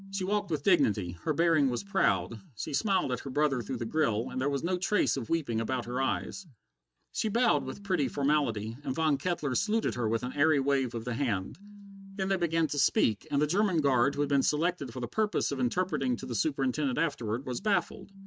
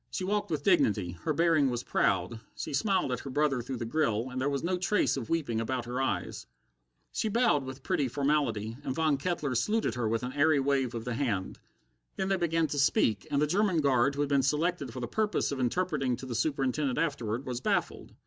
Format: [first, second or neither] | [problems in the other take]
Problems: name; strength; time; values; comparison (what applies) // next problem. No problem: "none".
second | noise reduction (neural mask model RNNoise)